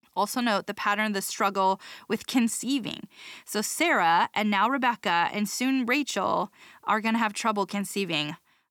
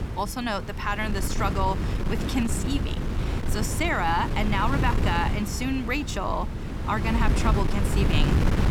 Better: first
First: none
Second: wind noise on the microphone; heavy; 7 dB below the speech

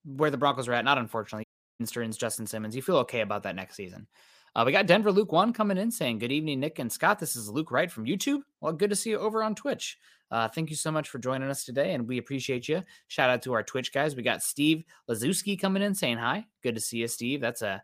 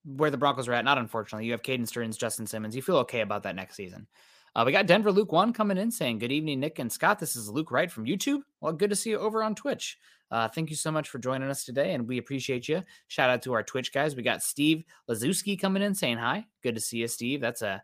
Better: second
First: audio cutting out; at 1.5 s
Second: none

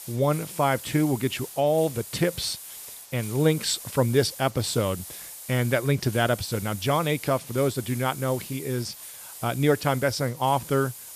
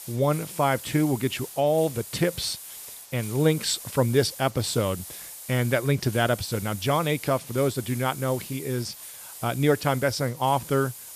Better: neither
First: hiss; noticeable; throughout; 15 dB below the speech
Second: hiss; noticeable; throughout; 15 dB below the speech

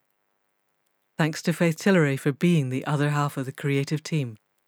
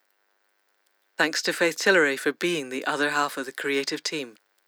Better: first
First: none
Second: thin; very; fading below 300 Hz

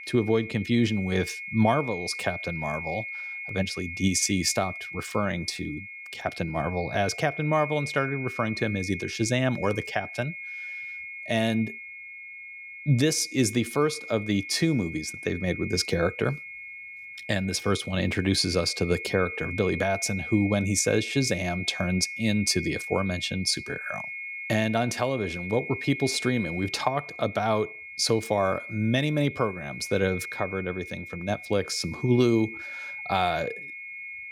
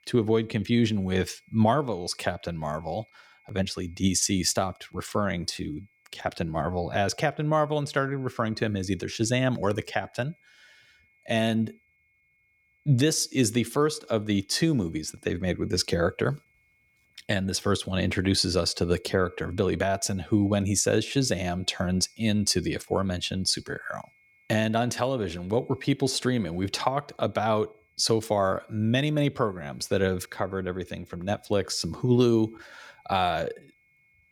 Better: second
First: high-pitched whine; loud; throughout; 2 kHz, 9 dB below the speech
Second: high-pitched whine; faint; throughout; 2 kHz, 35 dB below the speech

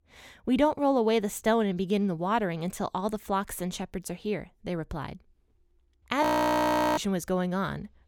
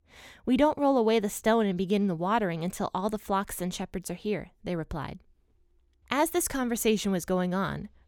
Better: second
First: audio freezing; at 6 s for 0.5 s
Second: none

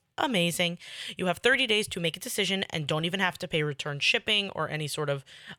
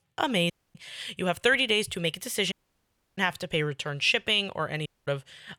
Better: first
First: none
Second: audio cutting out; at 0.5 s, at 2.5 s for 0.5 s and at 5 s

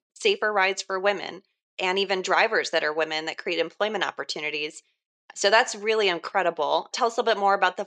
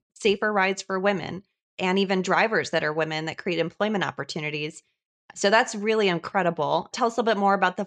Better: second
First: thin; somewhat; fading below 400 Hz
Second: none

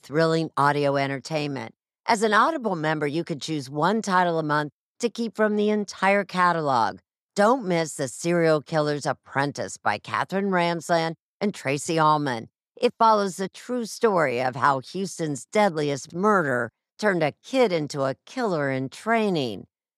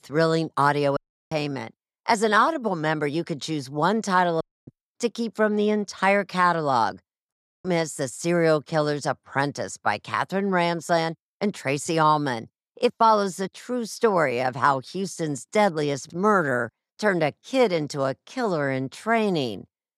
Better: first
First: none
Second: audio cutting out; at 1 s, at 4.5 s and at 7.5 s

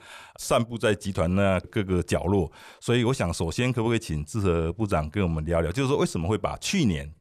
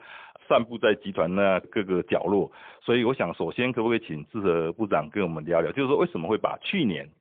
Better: first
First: none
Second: phone-call audio; poor line; nothing above 3.5 kHz

